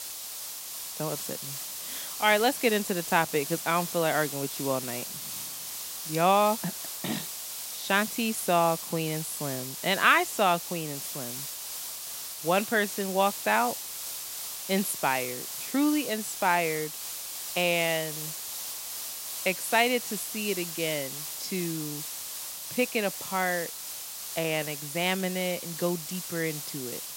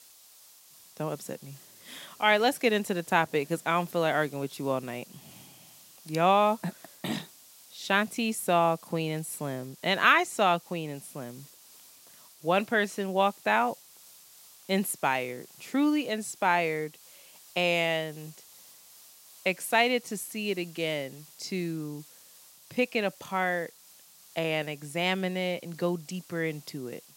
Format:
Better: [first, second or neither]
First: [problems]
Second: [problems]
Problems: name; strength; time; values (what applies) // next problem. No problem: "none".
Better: second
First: hiss; loud; throughout; 6 dB below the speech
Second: hiss; faint; throughout; 20 dB below the speech